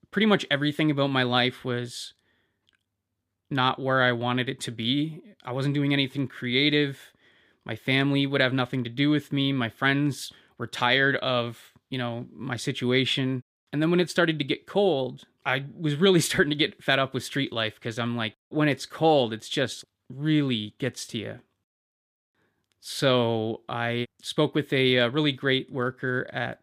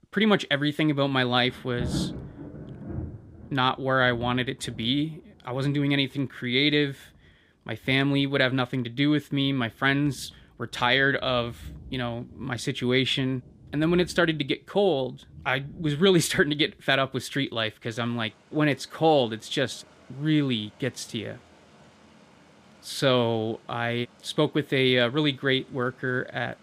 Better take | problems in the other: first | rain or running water; noticeable; throughout; 20 dB below the speech

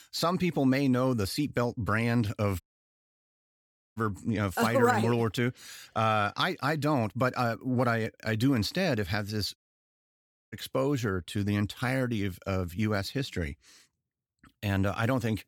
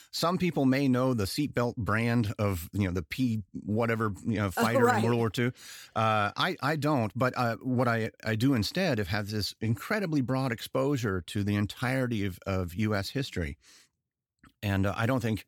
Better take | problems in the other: second | audio cutting out; at 2.5 s for 1.5 s and at 9.5 s for 1 s

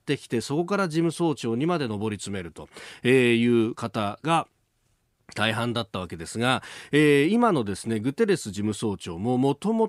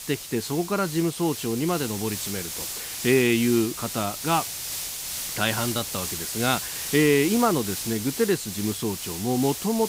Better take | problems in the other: first | hiss; loud; throughout; 5 dB below the speech

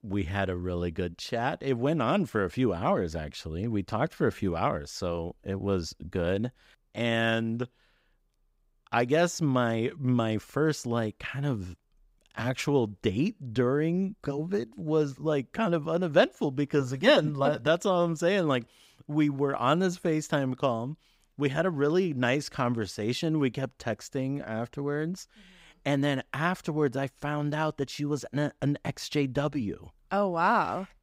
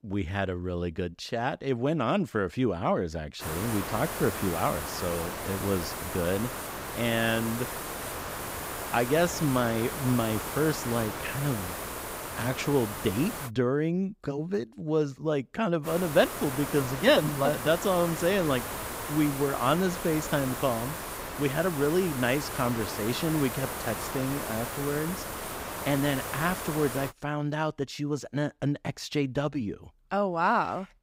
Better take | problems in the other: first | hiss; loud; from 3.5 to 13 s and from 16 to 27 s; 6 dB below the speech

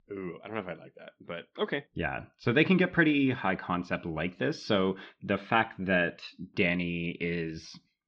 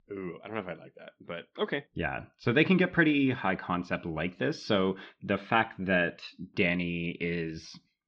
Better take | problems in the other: neither | muffled; slightly; fading above 4 kHz; the same in both

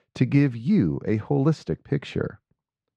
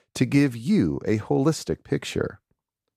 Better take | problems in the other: second | muffled; very slightly; fading above 3.5 kHz

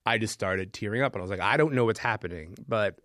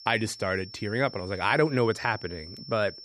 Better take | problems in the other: first | high-pitched whine; noticeable; throughout; 5.5 kHz, 15 dB below the speech

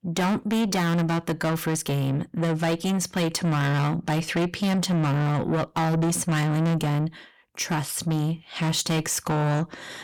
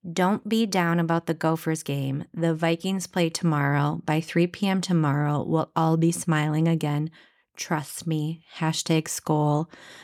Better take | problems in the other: second | distortion; heavy; 7 dB below the speech

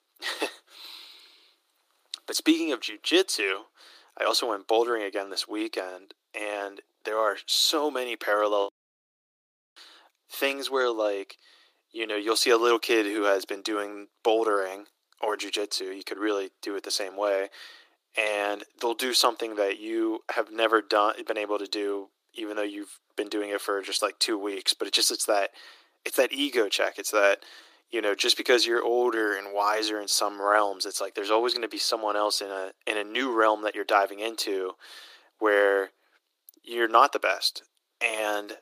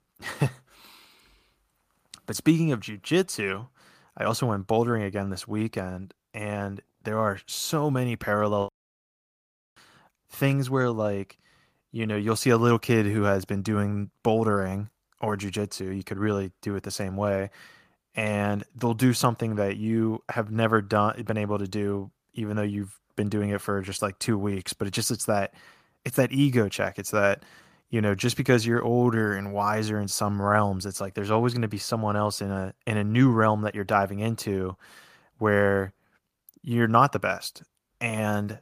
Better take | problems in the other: second | thin; very; fading below 300 Hz

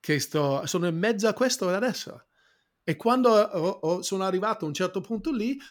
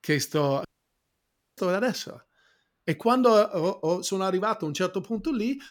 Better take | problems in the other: first | audio cutting out; at 0.5 s for 1 s

